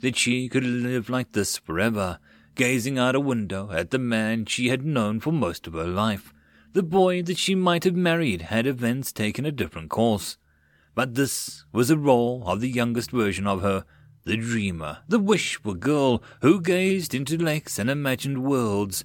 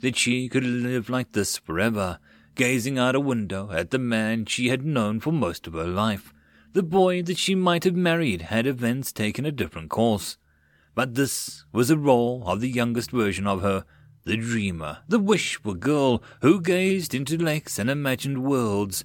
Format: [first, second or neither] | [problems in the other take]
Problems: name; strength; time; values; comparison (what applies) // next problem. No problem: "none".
neither | none